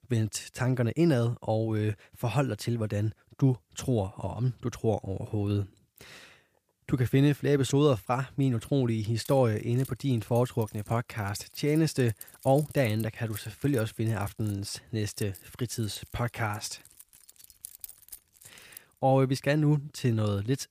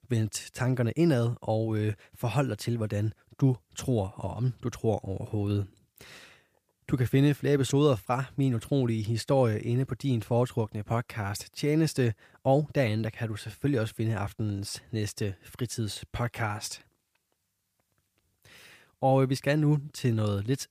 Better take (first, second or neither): second